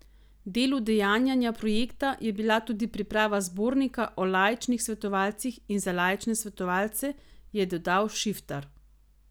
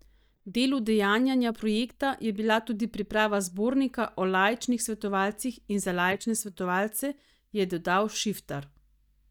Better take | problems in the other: first | noise reduction (neural mask model DeepFilterNet 3)

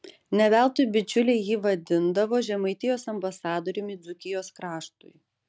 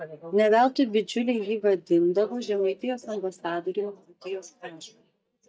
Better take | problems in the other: first | noise reduction (neural mask model DeepFilterNet 3)

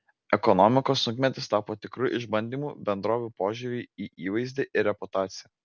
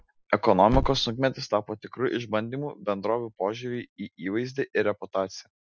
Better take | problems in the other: first | noise reduction (classical method Wiener filter)

